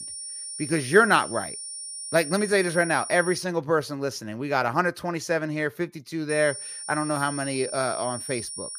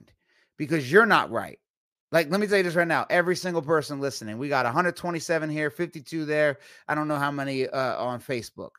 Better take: second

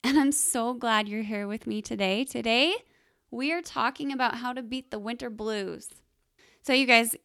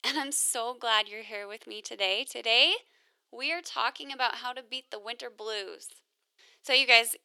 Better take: first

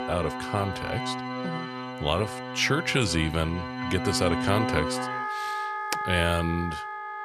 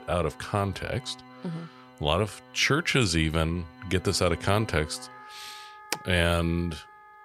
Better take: second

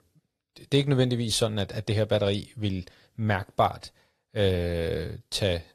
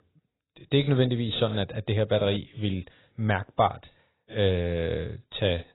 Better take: first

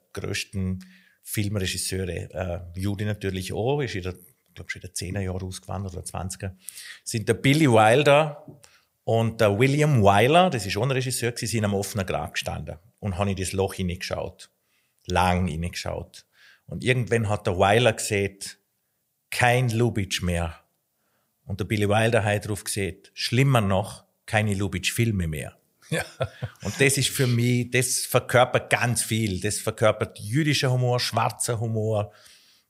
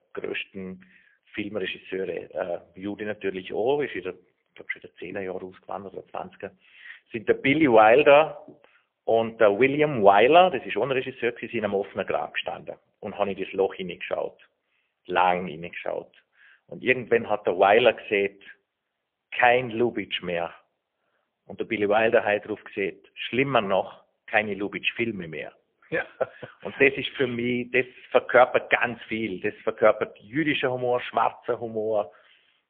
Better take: first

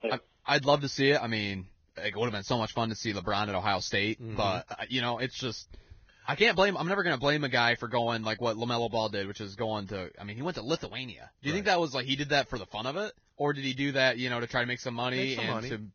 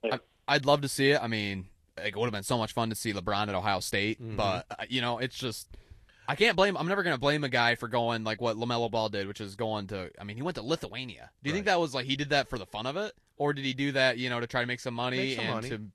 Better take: second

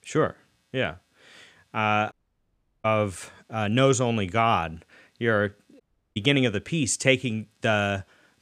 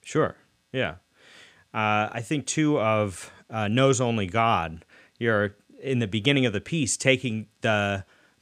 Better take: second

